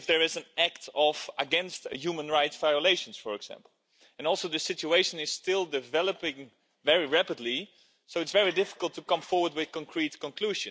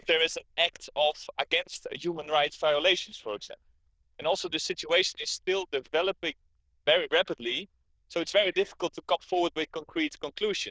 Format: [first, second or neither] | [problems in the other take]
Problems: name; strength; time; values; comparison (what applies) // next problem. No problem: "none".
first | noise reduction (neural diffusion model UNIVERSE++)